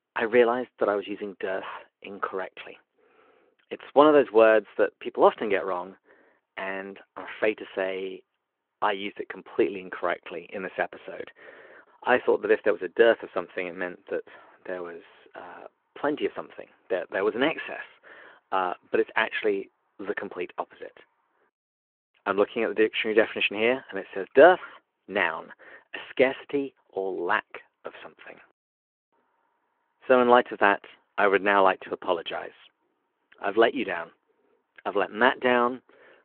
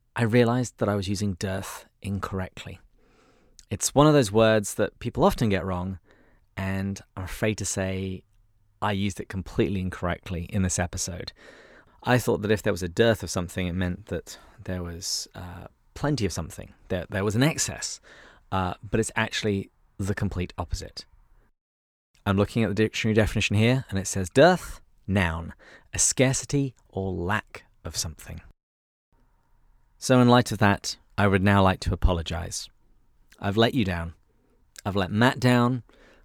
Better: second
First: phone-call audio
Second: none

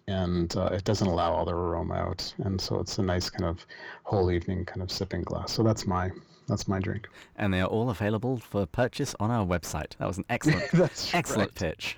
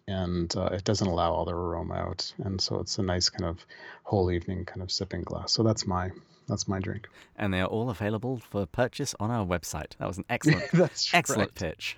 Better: second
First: distortion; slight; 9 dB below the speech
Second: none

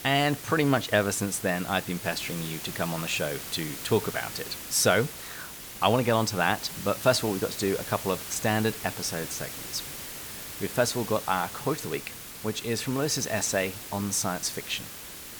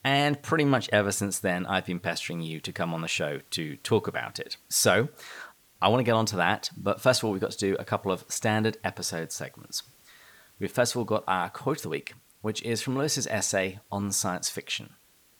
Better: second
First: hiss; loud; throughout; 9 dB below the speech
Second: hiss; faint; throughout; 30 dB below the speech

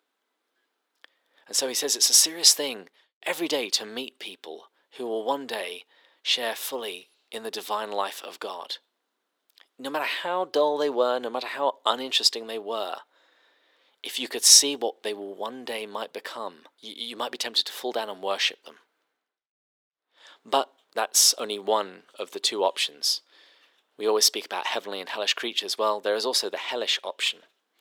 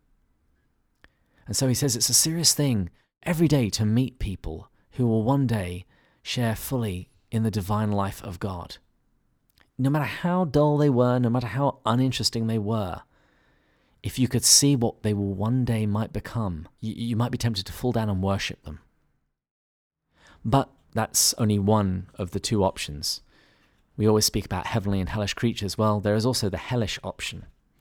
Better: second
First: thin; very; fading below 400 Hz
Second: none

